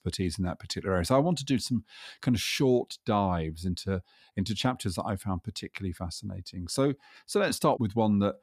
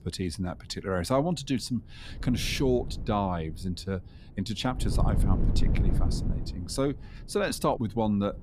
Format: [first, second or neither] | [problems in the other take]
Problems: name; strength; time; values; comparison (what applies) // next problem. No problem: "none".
first | wind noise on the microphone; occasional gusts; 10 dB below the speech